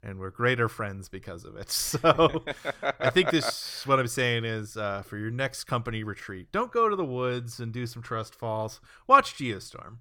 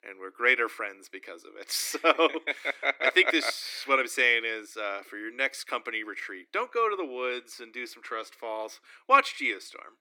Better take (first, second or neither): first